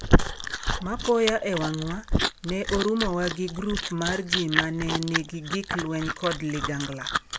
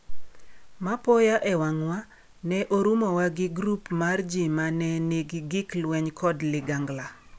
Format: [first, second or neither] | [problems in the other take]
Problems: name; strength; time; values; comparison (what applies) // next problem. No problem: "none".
second | background sound (Chewing, mastication); as loud as the speech